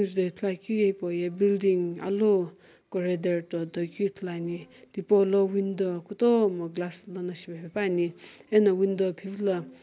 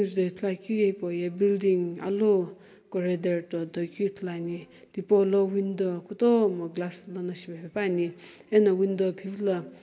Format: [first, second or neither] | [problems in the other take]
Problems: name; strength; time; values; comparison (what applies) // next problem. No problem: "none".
first | room echo; dies away in 1.3 s